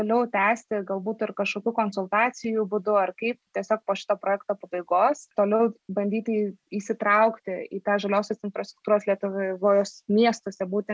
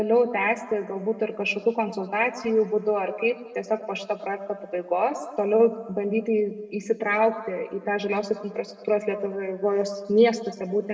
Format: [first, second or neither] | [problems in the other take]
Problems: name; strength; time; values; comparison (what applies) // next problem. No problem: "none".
first | room echo; dies away in 1.2 s